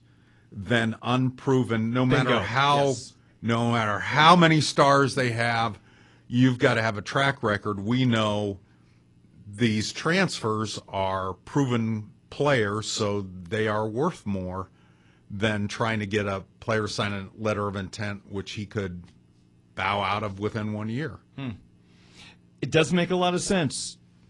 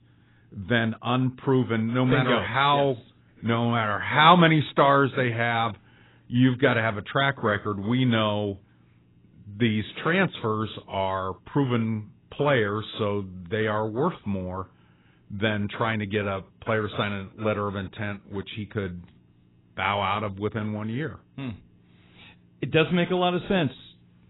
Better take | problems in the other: first | garbled, watery; badly; nothing above 4 kHz; slightly in the first

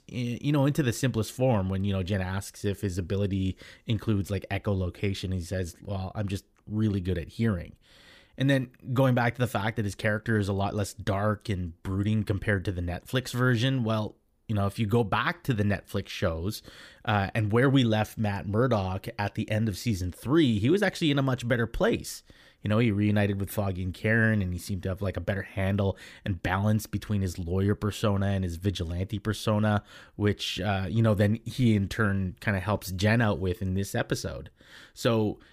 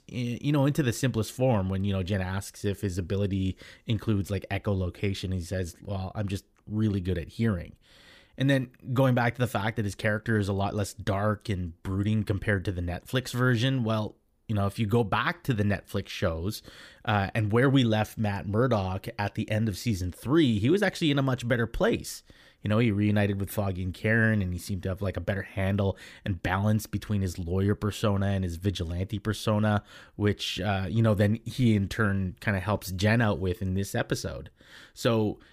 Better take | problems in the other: neither | none

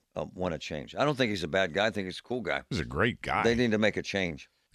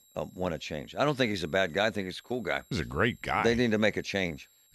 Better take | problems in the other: first | high-pitched whine; faint; throughout; 7.5 kHz, 30 dB below the speech

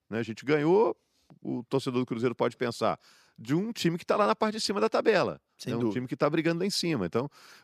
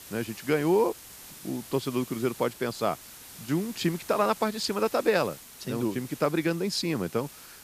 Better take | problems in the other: first | hiss; noticeable; throughout; 15 dB below the speech

